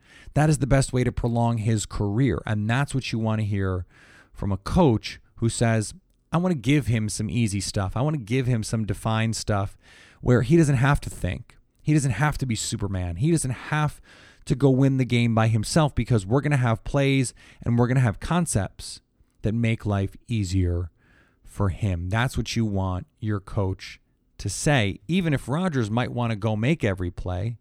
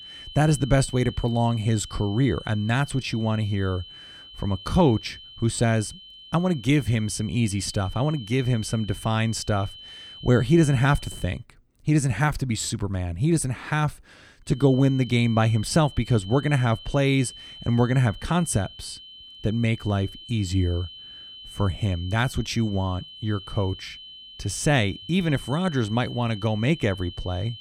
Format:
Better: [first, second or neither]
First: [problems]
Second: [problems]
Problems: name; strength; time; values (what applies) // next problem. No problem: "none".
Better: first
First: none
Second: high-pitched whine; noticeable; until 11 s and from 15 s on; 3 kHz, 15 dB below the speech